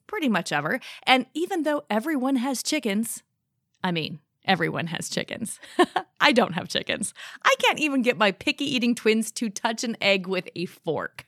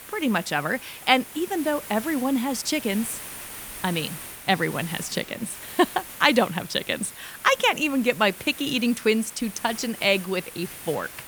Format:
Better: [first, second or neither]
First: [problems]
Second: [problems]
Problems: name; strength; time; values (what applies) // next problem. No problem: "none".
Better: first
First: none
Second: hiss; noticeable; throughout; 15 dB below the speech